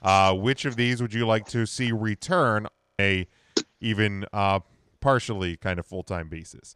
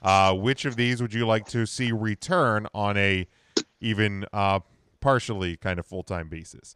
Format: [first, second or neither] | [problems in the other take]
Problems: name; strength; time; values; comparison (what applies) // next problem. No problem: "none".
second | audio freezing; at 2.5 s